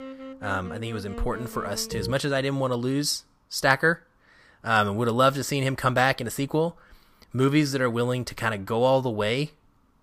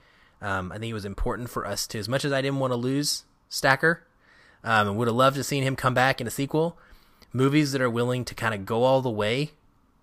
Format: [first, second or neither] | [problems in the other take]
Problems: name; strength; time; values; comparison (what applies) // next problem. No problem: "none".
second | background music; noticeable; until 2.5 s; 15 dB below the speech